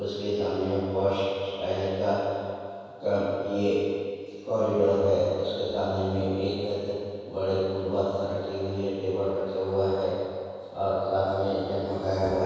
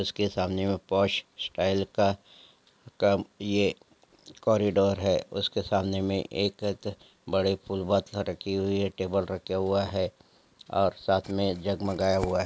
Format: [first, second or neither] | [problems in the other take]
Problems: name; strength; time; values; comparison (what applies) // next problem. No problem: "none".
second | room echo; dies away in 2.2 s